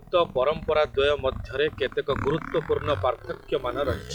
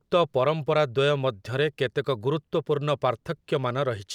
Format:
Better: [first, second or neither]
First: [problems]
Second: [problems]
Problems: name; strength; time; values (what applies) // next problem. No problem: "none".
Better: second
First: noise reduction (classical method log-MMSE)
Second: none